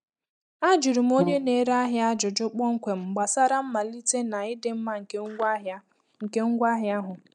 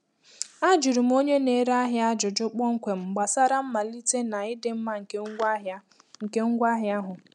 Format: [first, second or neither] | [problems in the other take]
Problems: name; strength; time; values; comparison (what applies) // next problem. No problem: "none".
second | noise reduction (neural mask model DeepFilterNet 3)